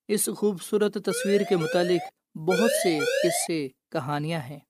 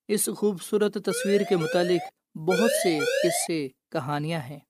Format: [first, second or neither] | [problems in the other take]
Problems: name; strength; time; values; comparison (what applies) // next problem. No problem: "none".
neither | siren; noticeable; at 1 s; peak 6 dB below the speech; the same in both // siren; loud; at 2.5 s; peak 1 dB above the speech; the same in both